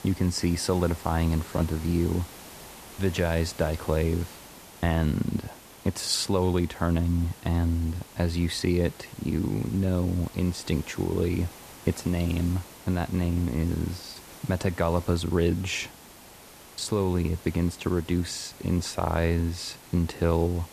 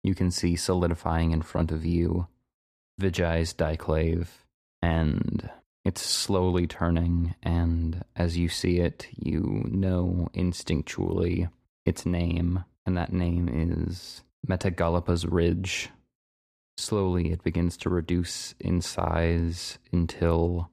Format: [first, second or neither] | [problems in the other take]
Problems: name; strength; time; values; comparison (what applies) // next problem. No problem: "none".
second | hiss; noticeable; throughout; 20 dB below the speech